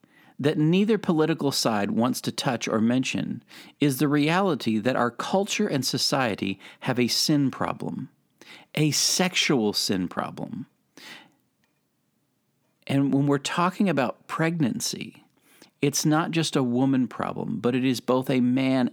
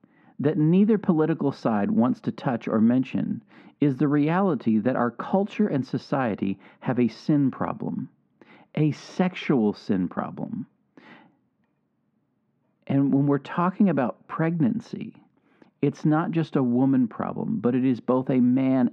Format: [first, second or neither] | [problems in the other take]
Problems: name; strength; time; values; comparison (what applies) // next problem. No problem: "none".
first | muffled; very; fading above 1.5 kHz